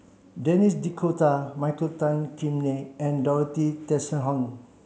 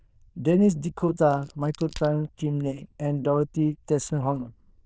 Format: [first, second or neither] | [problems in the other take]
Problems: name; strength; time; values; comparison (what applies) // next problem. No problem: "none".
first | noise reduction (neural diffusion model UNIVERSE++)